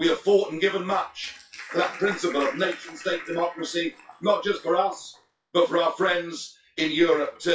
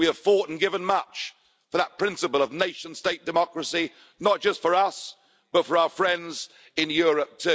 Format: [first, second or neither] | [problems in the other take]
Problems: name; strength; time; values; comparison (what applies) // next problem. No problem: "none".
second | noise reduction (classical method WPE with log-MMSE)